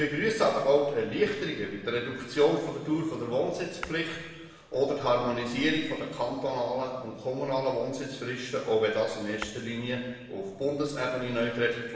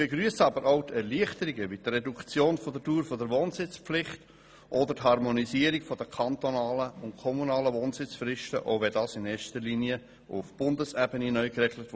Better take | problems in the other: second | background sound (Tap / Glass); 18 dB below the speech // room echo; dies away in 1.2 s

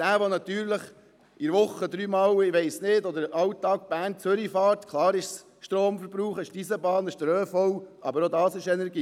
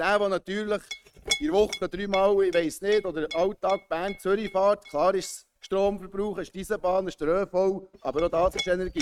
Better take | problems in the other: first | noise reduction (neural mask model RNNoise)

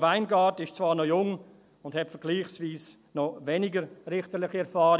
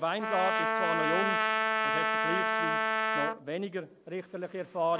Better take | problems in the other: first | background sound (Trumpet); 4 dB above the speech

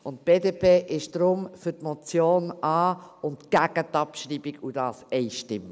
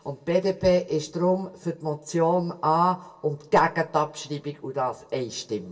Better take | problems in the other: first | room echo; dies away in 0.1 s

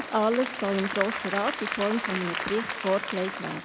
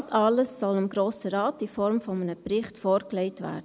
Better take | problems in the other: second | background sound (Applause / Crowd); 5 dB below the speech

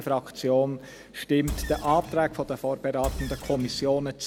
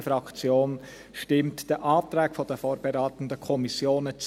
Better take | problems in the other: second | background sound (Engine); 9 dB below the speech

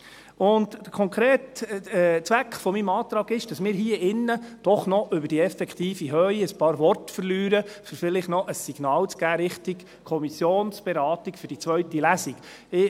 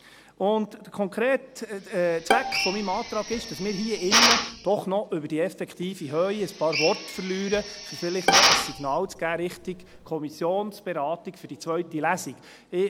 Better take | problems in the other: first | background sound (Bowed string instrument + Drill); 1 dB above the speech

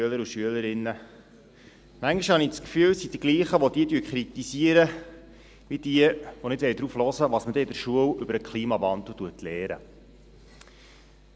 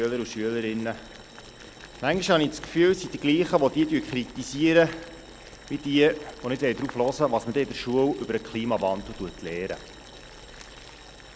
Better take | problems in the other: first | background sound (Boiling); 19 dB below the speech

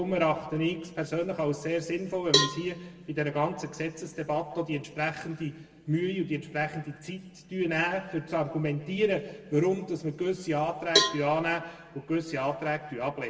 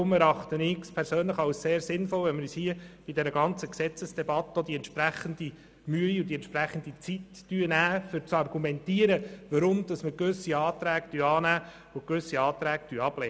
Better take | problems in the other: second | background sound (Cowbell); 1 dB below the speech // room echo; dies away in 0.9 s

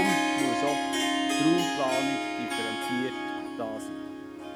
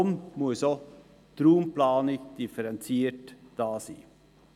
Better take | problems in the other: second | background sound (Harp); 3 dB above the speech

